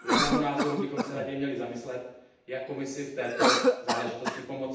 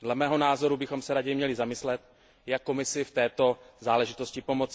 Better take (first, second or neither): second